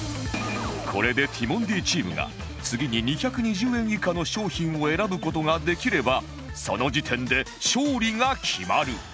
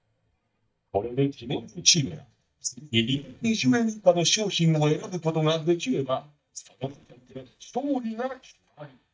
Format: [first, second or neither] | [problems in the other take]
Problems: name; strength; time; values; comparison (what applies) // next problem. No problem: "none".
first | noise reduction (neural mask model DeepFilterNet 3)